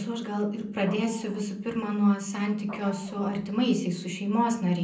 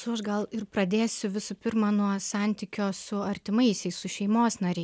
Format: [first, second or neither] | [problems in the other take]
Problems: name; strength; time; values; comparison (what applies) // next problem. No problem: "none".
second | background sound (Printer / Engine); 19 dB below the speech // room echo; dies away in 0.6 s